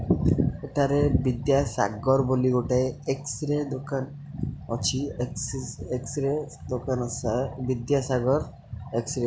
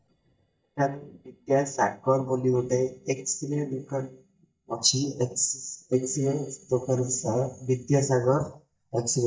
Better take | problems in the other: first | noise reduction (neural mask model DeepFilterNet 3)

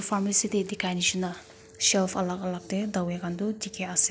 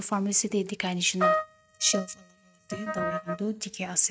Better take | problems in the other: first | noise reduction (neural mask model RNNoise)

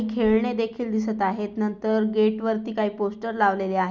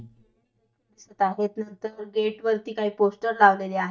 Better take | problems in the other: first | noise reduction (neural mask model DeepFilterNet 3)

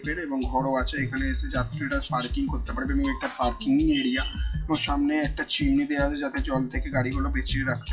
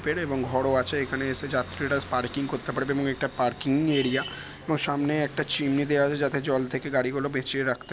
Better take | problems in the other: second | noise reduction (classical method WPE with log-MMSE)

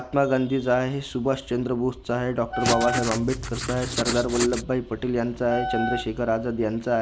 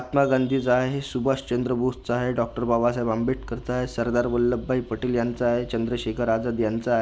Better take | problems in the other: second | background sound (Wind instrument, woodwind instrument + Writing); 5 dB below the speech

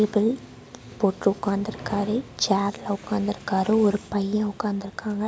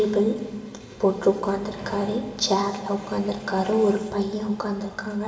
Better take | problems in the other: first | room echo; dies away in 1.3 s

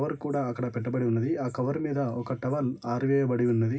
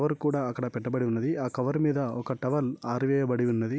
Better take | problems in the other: second | room echo; dies away in 0.4 s

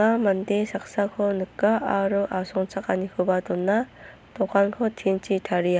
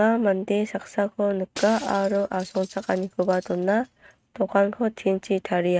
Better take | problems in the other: first | noise reduction (neural mask model RNNoise)

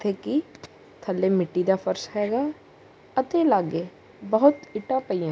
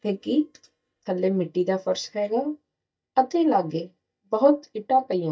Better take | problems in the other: first | noise reduction (neural mask model DeepFilterNet 3)

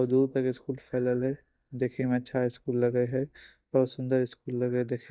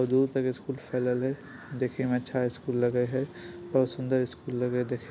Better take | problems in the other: second | noise reduction (neural mask model DeepFilterNet 3)

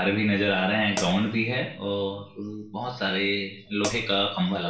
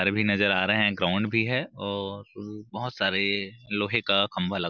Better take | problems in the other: second | background sound (Hi-hat); 9 dB below the speech // room echo; dies away in 0.6 s

